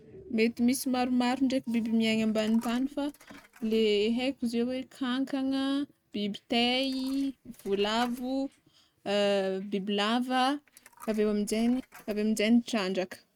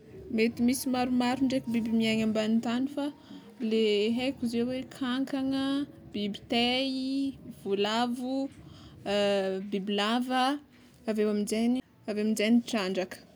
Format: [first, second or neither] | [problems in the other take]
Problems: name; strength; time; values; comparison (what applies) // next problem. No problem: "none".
second | noise reduction (neural mask model RNNoise)